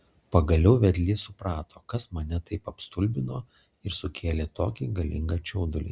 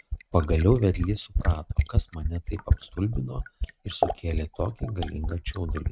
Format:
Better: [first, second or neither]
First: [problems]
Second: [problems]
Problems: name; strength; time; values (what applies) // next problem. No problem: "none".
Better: first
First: none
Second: noise reduction (neural mask model RNNoise)